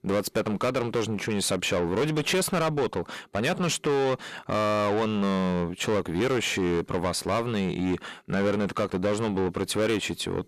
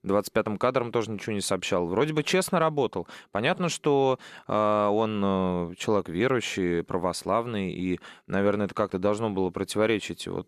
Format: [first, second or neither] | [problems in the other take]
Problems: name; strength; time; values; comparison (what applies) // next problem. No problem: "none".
second | distortion; heavy; 7 dB below the speech